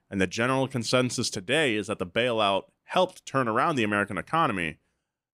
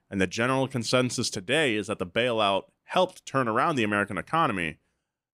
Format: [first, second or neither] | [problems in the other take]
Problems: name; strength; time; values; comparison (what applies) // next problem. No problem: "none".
neither | none